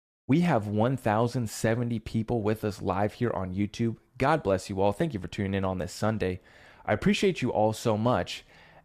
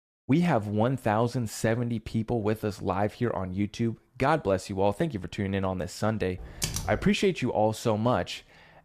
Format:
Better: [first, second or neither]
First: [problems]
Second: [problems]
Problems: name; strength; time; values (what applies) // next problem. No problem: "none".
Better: first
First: none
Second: keyboard typing; noticeable; at 6.5 s; peak 4 dB below the speech